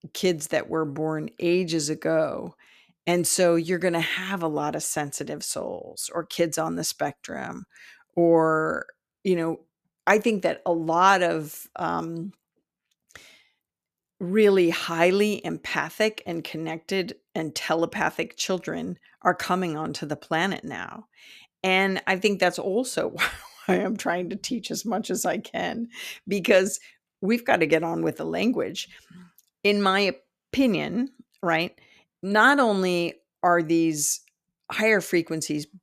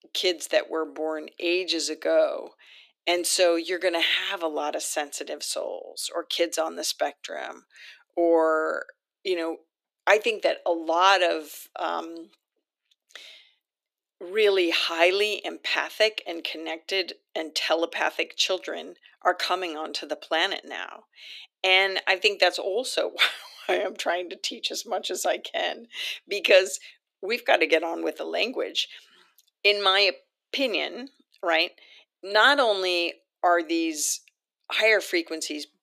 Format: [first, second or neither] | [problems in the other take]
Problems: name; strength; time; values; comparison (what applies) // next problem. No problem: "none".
first | thin; very; fading below 300 Hz